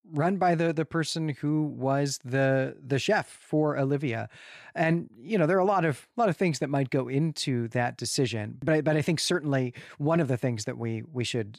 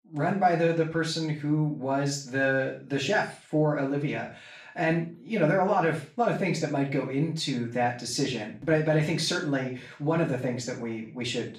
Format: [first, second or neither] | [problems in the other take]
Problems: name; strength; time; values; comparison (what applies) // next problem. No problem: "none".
first | room echo; slight; dies away in 0.4 s // off-mic speech; far